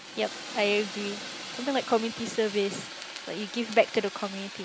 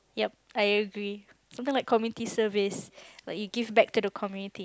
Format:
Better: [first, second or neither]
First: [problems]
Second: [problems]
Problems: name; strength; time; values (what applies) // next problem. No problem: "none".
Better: second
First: background sound (Fire); 10 dB below the speech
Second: none